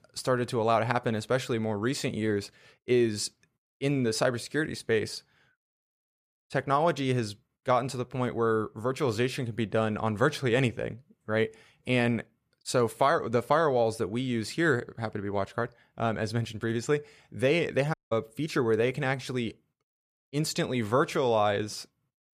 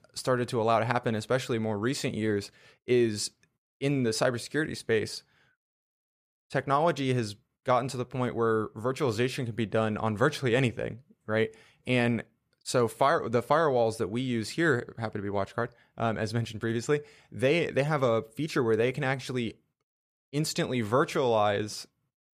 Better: second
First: audio cutting out; at 18 s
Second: none

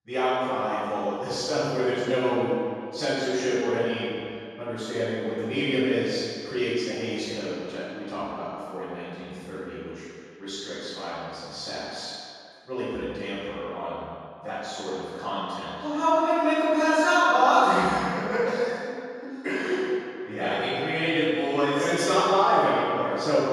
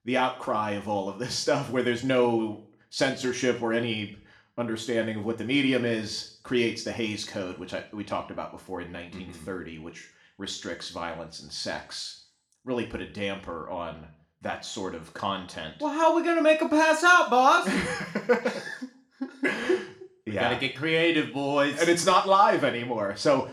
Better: second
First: room echo; strong; dies away in 2.1 s // off-mic speech; far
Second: room echo; slight; dies away in 0.4 s // off-mic speech; somewhat distant

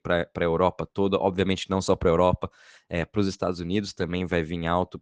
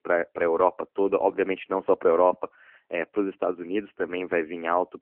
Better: first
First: none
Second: phone-call audio

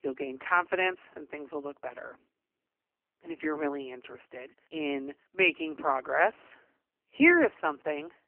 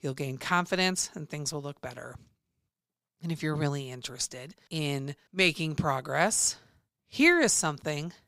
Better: second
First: phone-call audio; poor line; nothing above 3 kHz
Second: none

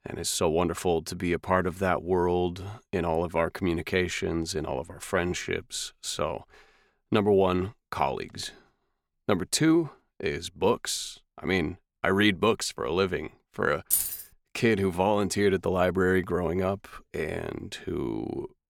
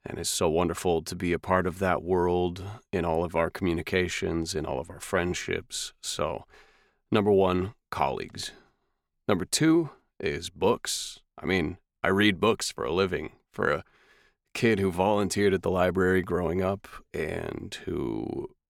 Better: second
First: jangling keys; loud; at 14 s; peak 3 dB above the speech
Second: none

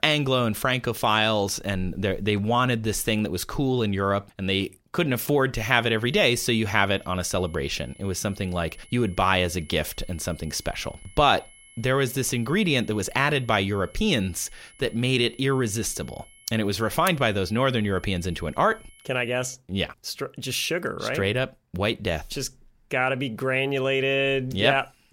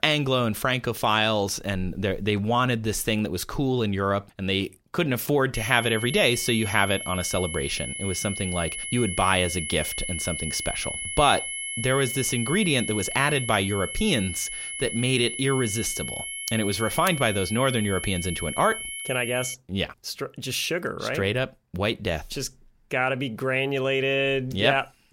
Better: first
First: high-pitched whine; faint; from 5.5 to 20 s; 2 kHz, 25 dB below the speech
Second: high-pitched whine; loud; from 5.5 to 20 s; 2 kHz, 6 dB below the speech

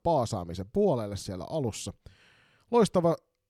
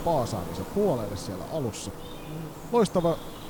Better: first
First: none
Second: animal sounds; noticeable; throughout; 10 dB below the speech

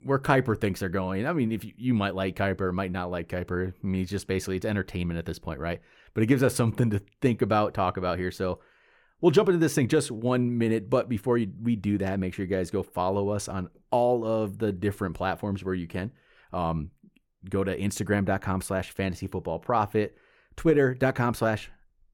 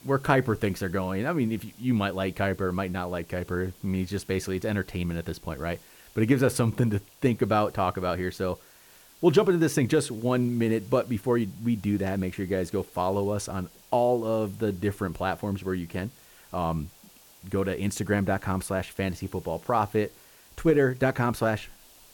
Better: first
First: none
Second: hiss; faint; throughout; 25 dB below the speech

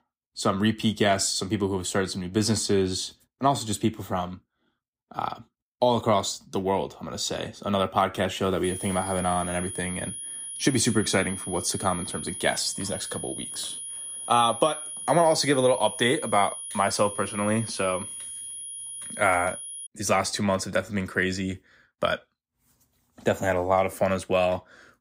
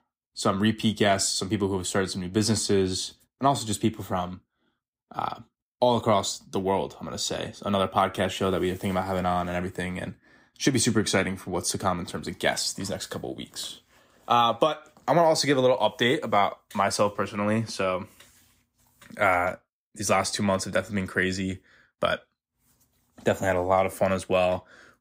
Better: second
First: high-pitched whine; loud; from 8.5 to 20 s; 10.5 kHz, 8 dB below the speech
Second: none

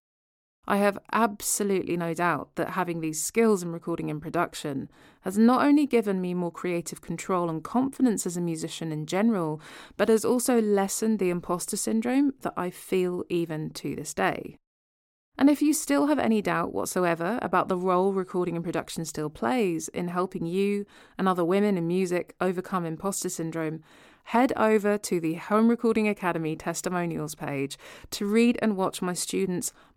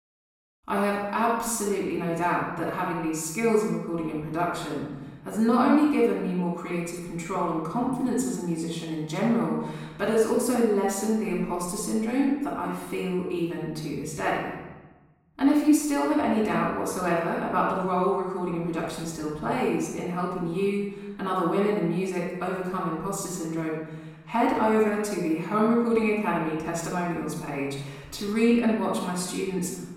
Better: first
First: none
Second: off-mic speech; far // room echo; noticeable; dies away in 1 s

